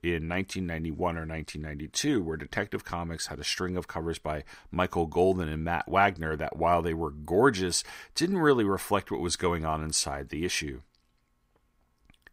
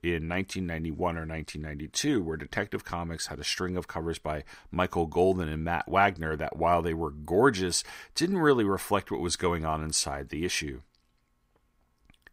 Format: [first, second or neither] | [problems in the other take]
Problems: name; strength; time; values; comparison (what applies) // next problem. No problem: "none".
neither | none